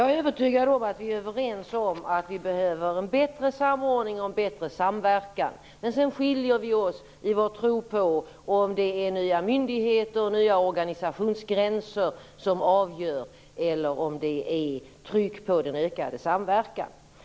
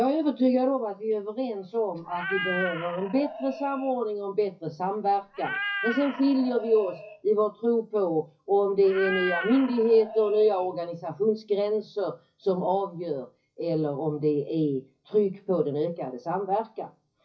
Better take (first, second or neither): first